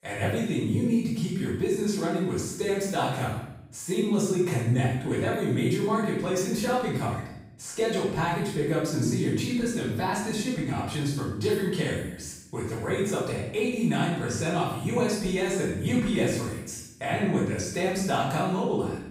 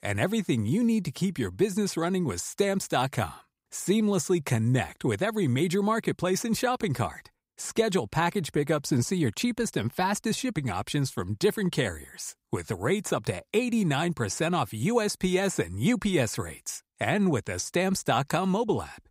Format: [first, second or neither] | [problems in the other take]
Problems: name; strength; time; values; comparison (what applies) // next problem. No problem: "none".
second | room echo; noticeable; dies away in 0.7 s // off-mic speech; far